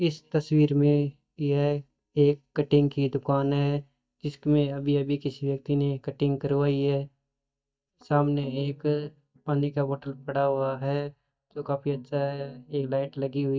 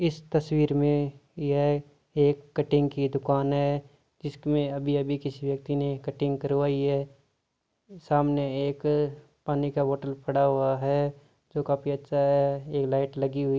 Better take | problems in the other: second | noise reduction (neural mask model DeepFilterNet 3)

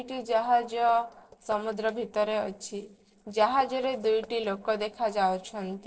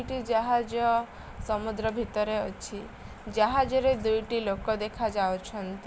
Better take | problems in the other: second | noise reduction (neural separator model SepFormer DNS4)

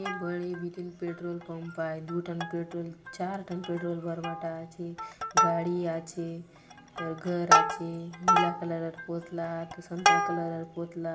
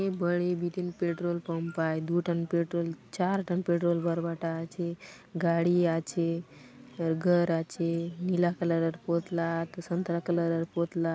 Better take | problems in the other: second | background sound (Plucked string instrument); 3 dB above the speech // room echo; dies away in 0.7 s

